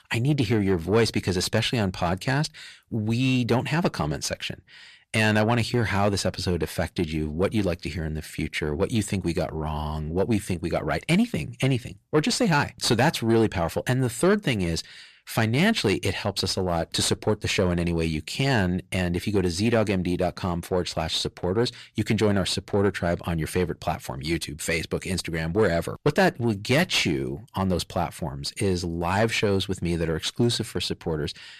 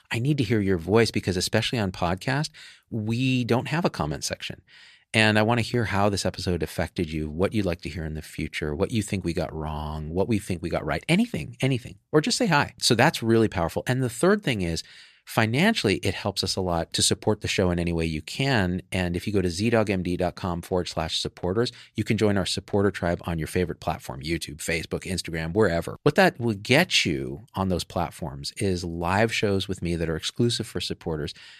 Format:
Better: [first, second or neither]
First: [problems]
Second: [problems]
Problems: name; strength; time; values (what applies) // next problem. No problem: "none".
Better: second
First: distortion; slight; 10 dB below the speech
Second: none